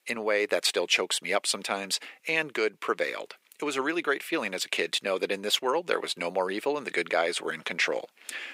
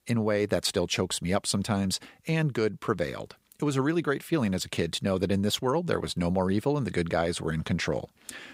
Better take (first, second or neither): second